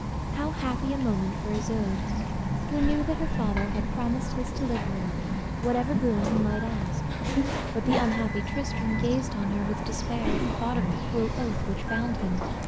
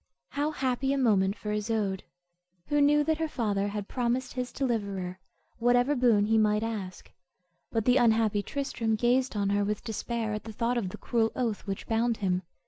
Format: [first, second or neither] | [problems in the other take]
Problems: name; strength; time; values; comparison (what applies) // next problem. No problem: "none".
second | background sound (Bird vocalization, bird call, bird song); 2 dB above the speech